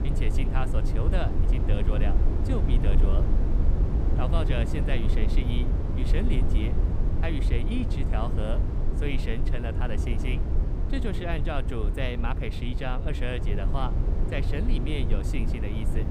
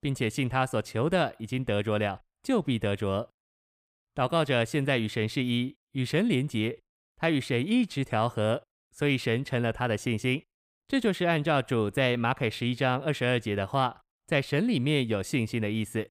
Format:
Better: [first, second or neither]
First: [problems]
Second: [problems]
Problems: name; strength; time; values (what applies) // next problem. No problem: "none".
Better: second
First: low rumble; loud; throughout; 4 dB below the speech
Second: none